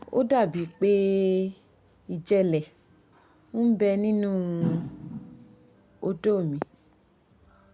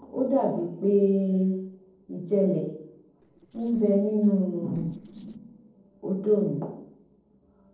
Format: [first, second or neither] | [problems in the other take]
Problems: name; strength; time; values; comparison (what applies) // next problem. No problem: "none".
first | noise reduction (neural separator model SepFormer DNS4)